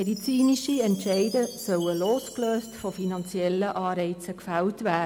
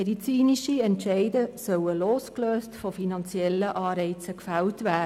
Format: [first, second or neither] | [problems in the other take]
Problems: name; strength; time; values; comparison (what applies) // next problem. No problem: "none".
second | background sound (Chime); 18 dB below the speech